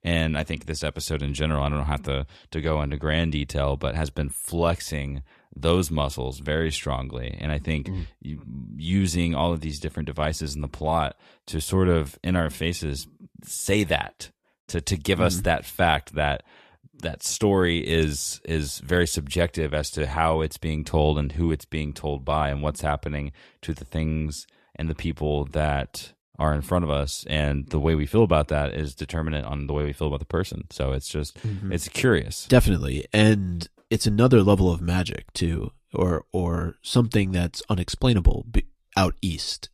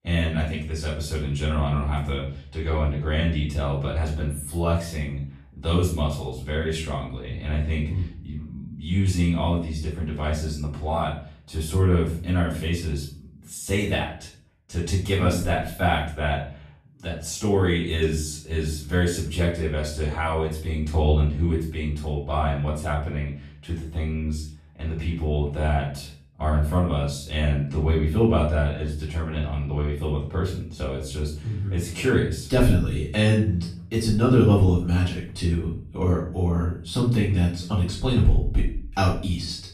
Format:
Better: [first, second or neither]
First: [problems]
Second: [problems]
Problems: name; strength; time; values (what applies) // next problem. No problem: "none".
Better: first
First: none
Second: room echo; noticeable; dies away in 0.5 s // off-mic speech; far